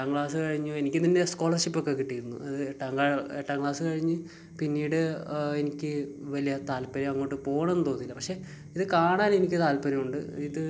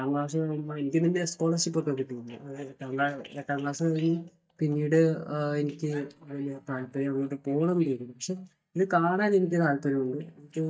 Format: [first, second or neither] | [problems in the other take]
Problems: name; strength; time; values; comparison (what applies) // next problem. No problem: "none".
first | noise reduction (neural mask model DeepFilterNet 3)